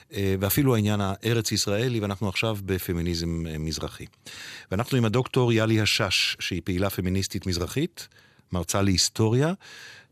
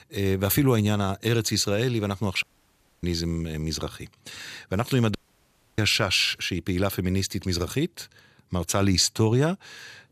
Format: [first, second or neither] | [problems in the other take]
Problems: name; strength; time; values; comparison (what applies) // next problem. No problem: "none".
first | audio cutting out; at 2.5 s for 0.5 s and at 5 s for 0.5 s